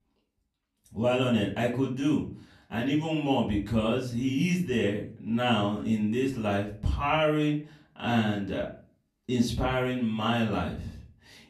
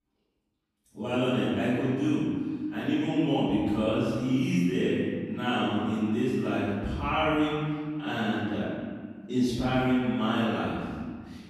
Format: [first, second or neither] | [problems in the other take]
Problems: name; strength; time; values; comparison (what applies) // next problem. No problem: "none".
first | room echo; strong; dies away in 1.9 s; slight in the first // off-mic speech; far; far in the first